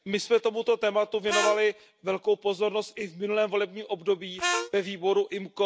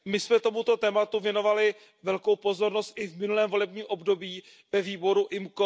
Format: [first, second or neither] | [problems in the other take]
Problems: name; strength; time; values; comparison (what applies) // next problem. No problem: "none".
second | background sound (Harmonica); 3 dB below the speech